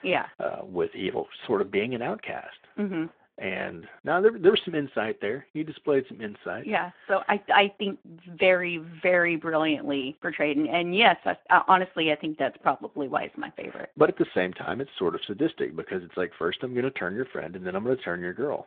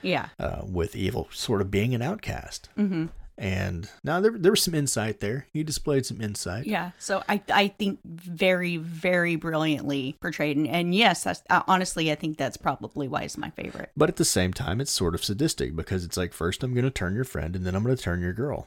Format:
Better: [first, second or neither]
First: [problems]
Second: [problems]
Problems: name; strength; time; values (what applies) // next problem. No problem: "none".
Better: second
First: phone-call audio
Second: none